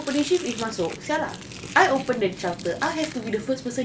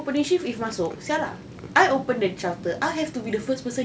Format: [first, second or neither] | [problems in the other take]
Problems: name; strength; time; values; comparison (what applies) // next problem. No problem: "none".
second | background sound (Domestic sounds, home sounds); 16 dB below the speech